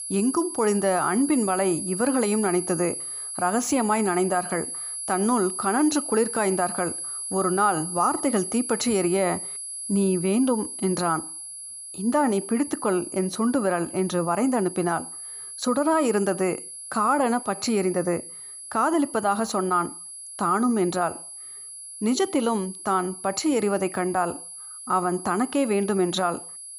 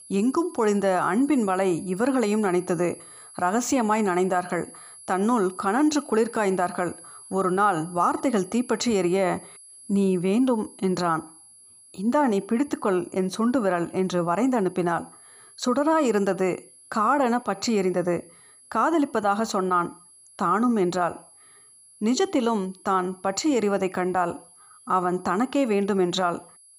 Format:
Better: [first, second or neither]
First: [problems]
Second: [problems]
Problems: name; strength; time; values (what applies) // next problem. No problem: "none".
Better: second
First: high-pitched whine; loud; throughout; 10.5 kHz, 8 dB below the speech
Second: high-pitched whine; faint; throughout; 10.5 kHz, 20 dB below the speech